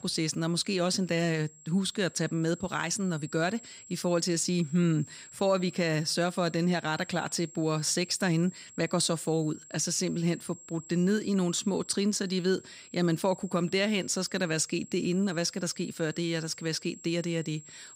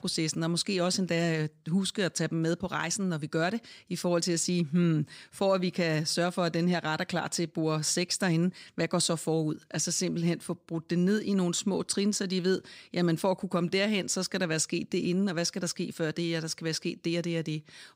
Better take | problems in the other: second | high-pitched whine; noticeable; throughout; 7.5 kHz, 20 dB below the speech

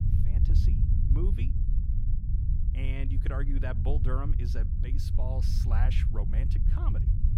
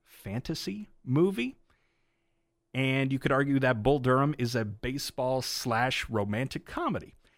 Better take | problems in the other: second | low rumble; loud; throughout; 3 dB below the speech

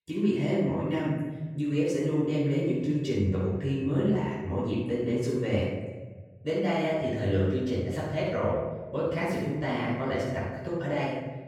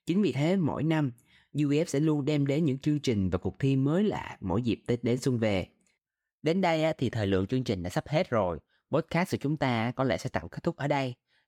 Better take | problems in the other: second | room echo; strong; dies away in 1.2 s // off-mic speech; far

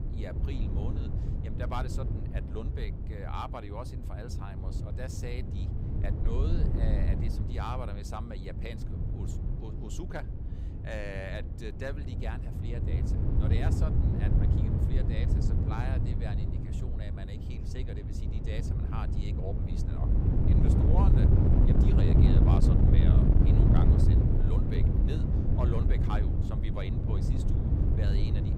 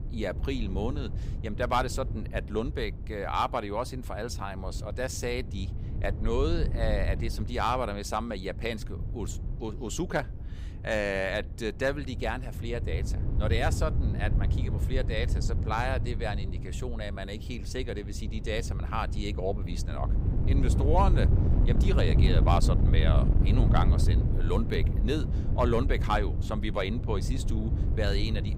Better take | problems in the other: second | wind noise on the microphone; heavy; 2 dB above the speech; occasional gusts in the second

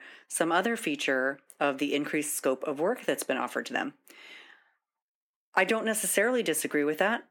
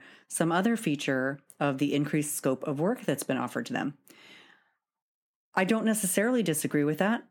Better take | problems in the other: second | thin; somewhat; fading below 400 Hz

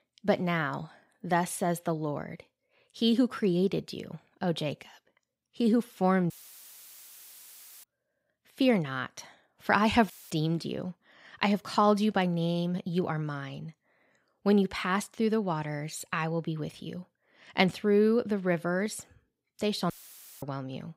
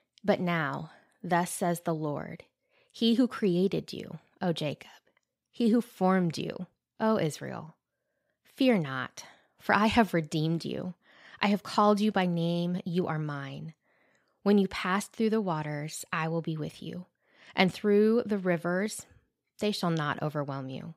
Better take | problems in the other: second | audio cutting out; filled with static; at 6.5 s for 1.5 s, at 10 s and at 20 s for 0.5 s

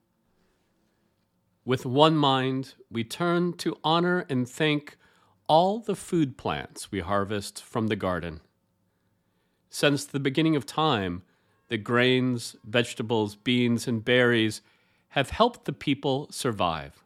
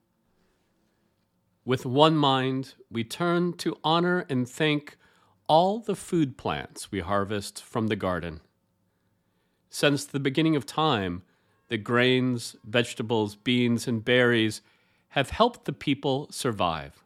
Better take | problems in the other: neither | none

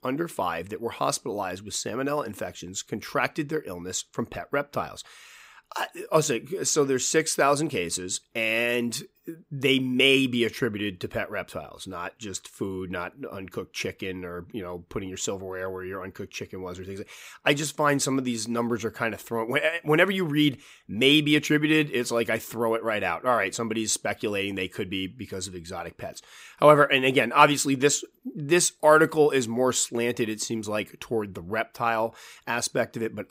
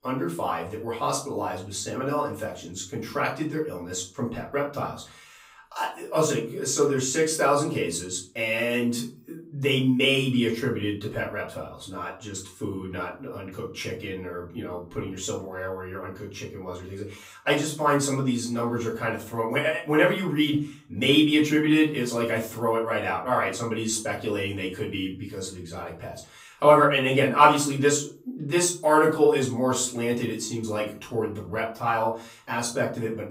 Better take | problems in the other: first | off-mic speech; far // room echo; slight; dies away in 0.4 s

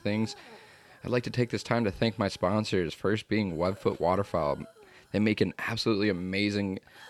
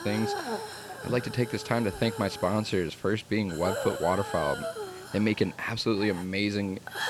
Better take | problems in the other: first | hiss; loud; throughout; 8 dB below the speech; faint in the first

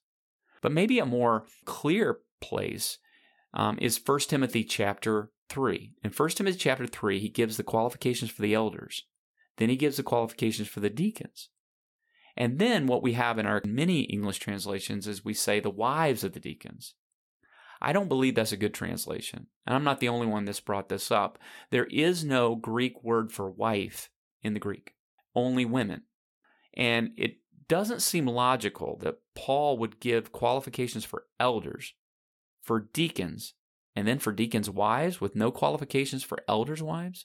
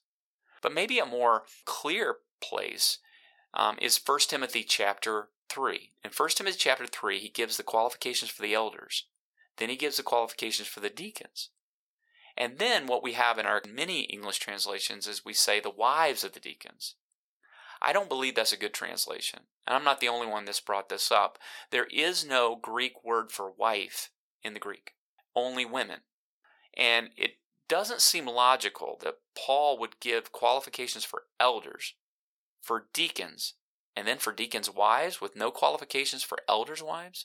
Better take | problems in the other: first | thin; very; fading below 700 Hz

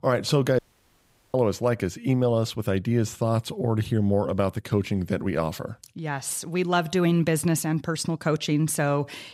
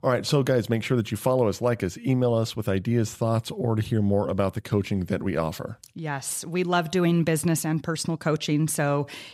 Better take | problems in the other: second | audio cutting out; at 0.5 s for 1 s

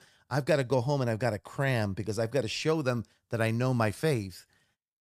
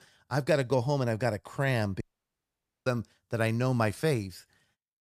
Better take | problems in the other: first | audio cutting out; at 2 s for 1 s

